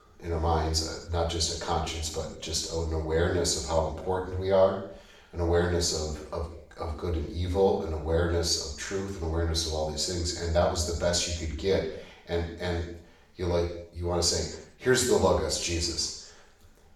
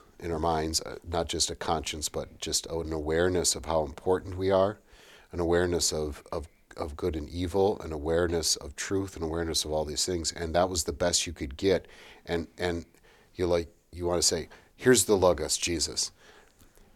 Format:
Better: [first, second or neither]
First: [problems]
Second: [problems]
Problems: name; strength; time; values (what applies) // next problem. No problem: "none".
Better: second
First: room echo; noticeable; dies away in 0.7 s // off-mic speech; far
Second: none